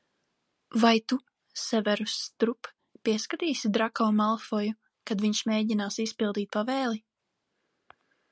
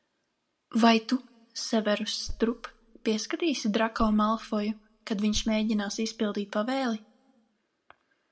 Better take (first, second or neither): first